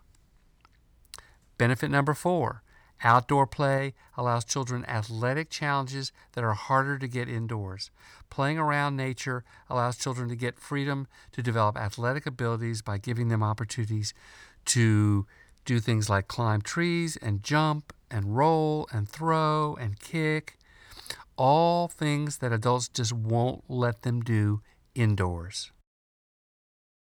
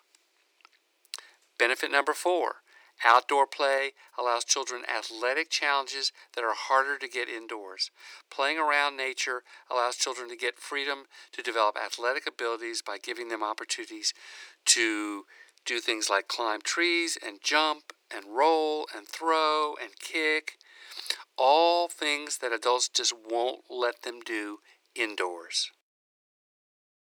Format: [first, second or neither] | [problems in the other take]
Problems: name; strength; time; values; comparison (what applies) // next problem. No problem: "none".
first | thin; very; fading below 350 Hz